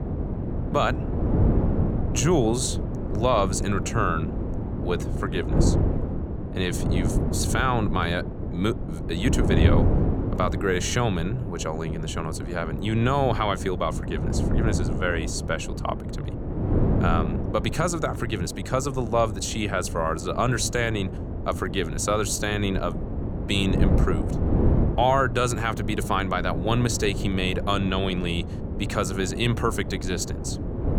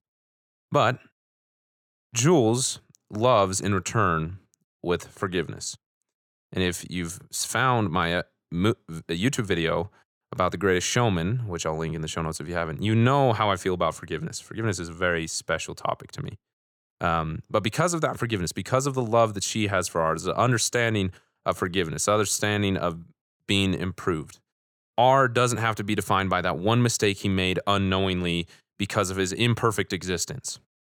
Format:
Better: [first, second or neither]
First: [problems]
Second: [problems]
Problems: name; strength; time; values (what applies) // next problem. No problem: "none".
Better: second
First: wind noise on the microphone; heavy; 8 dB below the speech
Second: none